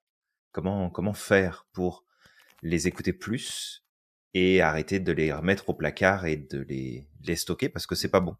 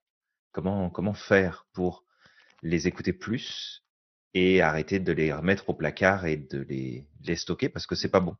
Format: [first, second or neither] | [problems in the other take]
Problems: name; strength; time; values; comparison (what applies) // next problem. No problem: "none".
first | garbled, watery; slightly; nothing above 6 kHz